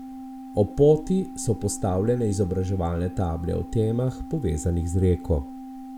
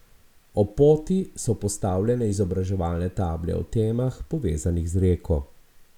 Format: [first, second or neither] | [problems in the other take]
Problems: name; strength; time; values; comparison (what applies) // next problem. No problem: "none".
second | background sound (Organ); 14 dB below the speech